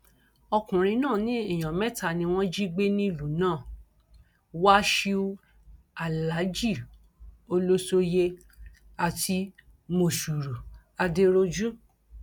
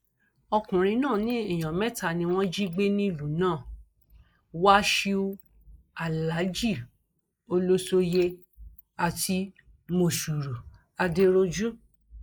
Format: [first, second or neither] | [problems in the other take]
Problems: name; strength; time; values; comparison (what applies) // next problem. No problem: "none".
first | noise reduction (neural mask model Resemble Enhance denoiser)